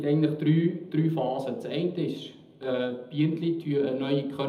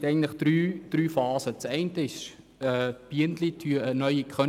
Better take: second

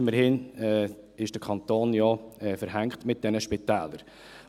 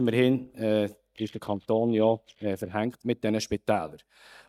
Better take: first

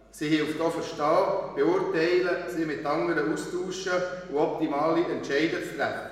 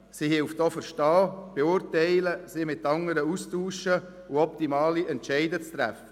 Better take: second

